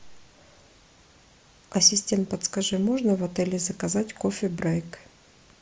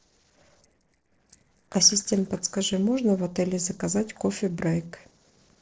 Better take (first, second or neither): first